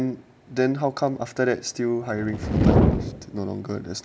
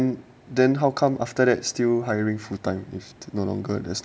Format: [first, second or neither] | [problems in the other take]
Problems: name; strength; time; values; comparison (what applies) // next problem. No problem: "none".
second | background sound (Fire); 3 dB above the speech